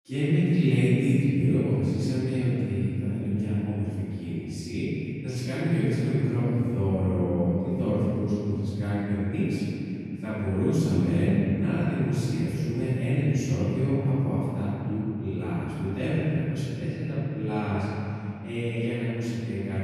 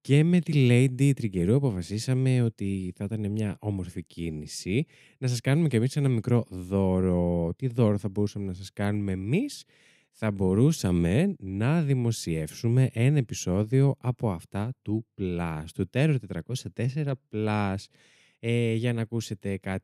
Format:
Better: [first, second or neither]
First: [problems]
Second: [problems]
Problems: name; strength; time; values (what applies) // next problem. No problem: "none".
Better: second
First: off-mic speech; far // room echo; strong; dies away in 3 s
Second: none